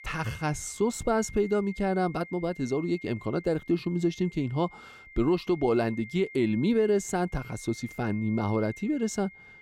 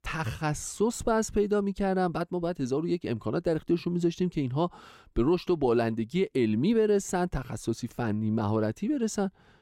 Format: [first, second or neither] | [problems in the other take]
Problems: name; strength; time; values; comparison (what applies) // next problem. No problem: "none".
second | high-pitched whine; noticeable; throughout; 2 kHz, 20 dB below the speech